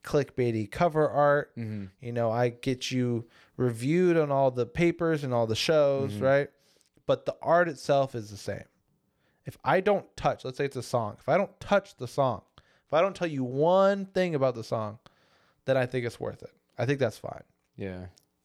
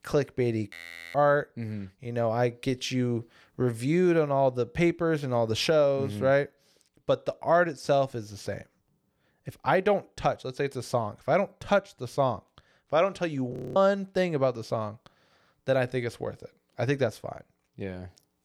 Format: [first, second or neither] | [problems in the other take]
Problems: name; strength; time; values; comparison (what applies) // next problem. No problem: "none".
first | audio freezing; at 0.5 s and at 14 s